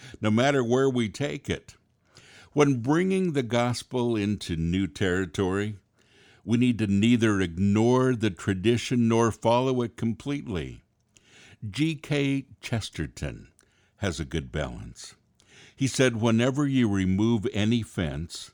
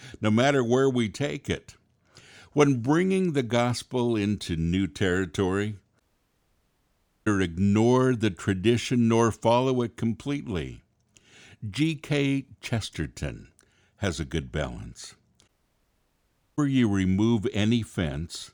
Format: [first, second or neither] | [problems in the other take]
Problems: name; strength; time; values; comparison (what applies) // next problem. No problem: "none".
first | audio cutting out; at 6 s for 1.5 s and at 15 s for 1 s